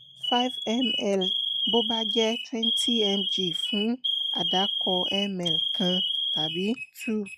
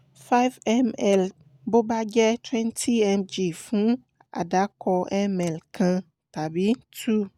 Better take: second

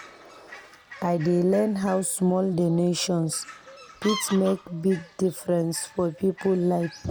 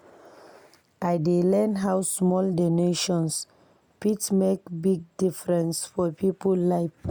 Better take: second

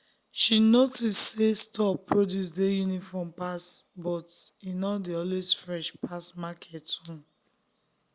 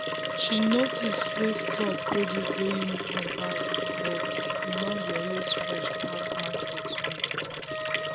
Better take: first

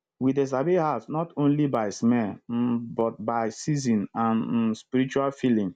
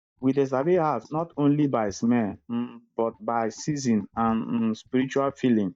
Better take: first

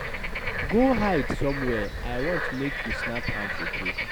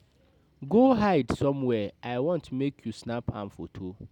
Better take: second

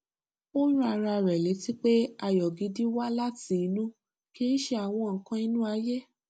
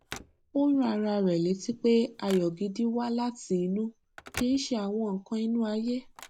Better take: first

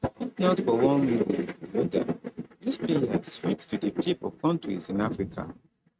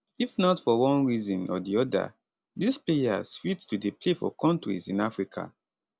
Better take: second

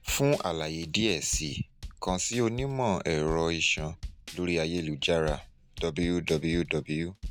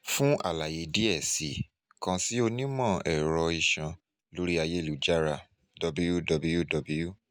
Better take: second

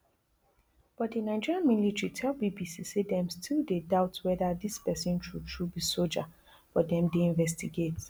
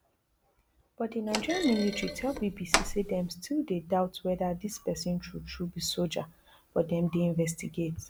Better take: first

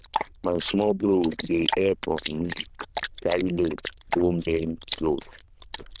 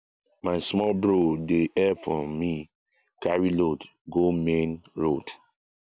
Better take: second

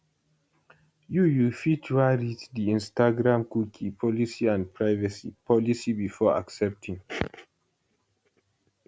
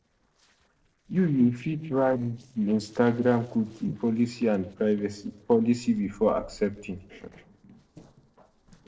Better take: first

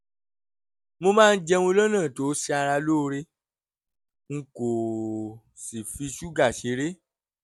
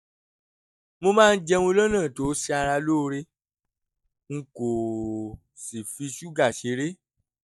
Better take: first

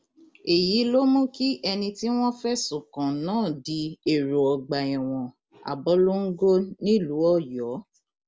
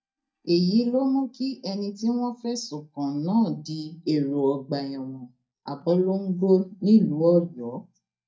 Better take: first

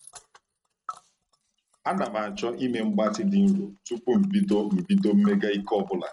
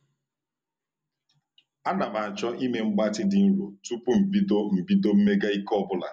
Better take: second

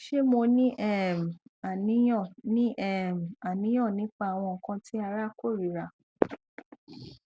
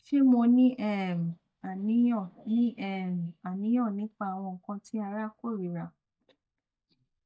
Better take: first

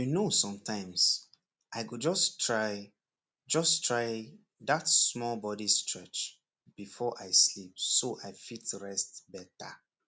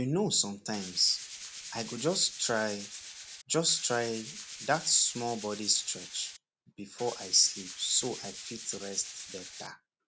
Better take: first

